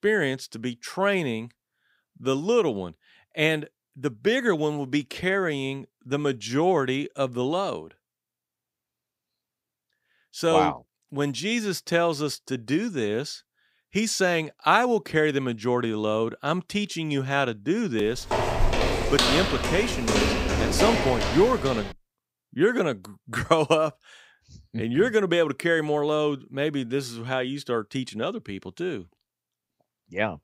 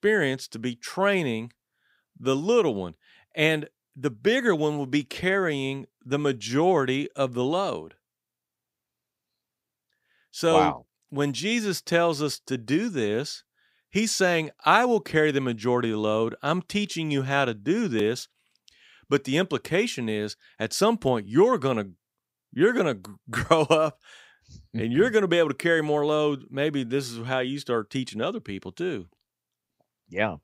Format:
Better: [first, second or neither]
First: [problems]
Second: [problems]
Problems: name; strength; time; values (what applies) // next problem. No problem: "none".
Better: second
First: footsteps; loud; from 18 to 22 s; peak 4 dB above the speech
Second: none